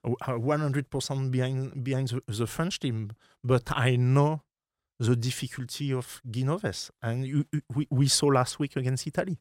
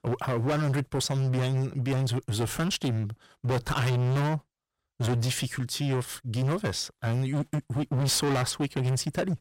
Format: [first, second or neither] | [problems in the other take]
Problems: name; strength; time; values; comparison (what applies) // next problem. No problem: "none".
first | distortion; heavy; 24% of the sound clipped